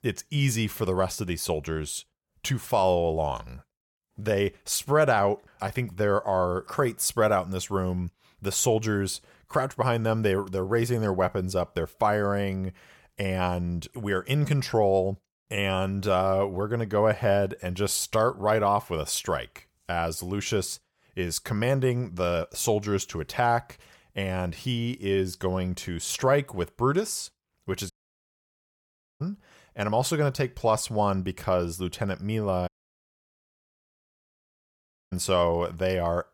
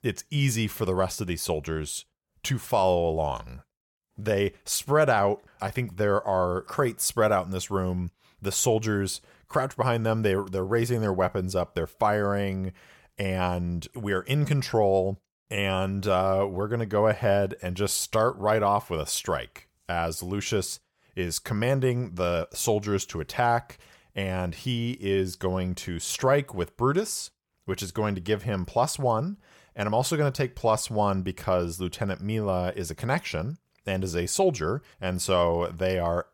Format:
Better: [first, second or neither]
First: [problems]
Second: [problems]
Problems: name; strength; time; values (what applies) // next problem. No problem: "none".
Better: second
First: audio cutting out; at 28 s for 1.5 s and at 33 s for 2.5 s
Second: none